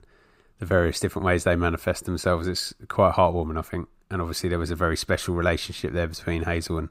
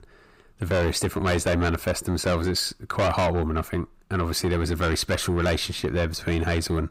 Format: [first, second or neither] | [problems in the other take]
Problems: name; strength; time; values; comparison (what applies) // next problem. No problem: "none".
first | distortion; heavy; 6 dB below the speech